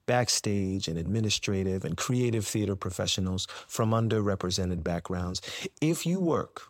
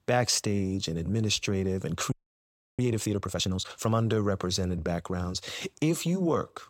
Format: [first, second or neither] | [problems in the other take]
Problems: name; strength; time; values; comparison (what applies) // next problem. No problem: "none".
first | audio freezing; at 2 s for 0.5 s